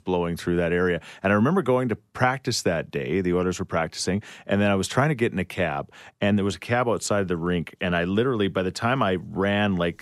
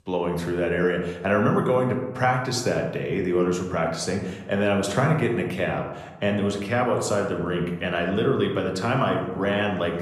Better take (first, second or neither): first